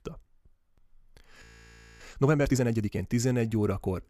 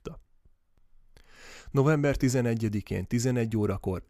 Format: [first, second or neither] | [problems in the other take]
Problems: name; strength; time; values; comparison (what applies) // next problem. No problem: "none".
second | audio freezing; at 1.5 s for 0.5 s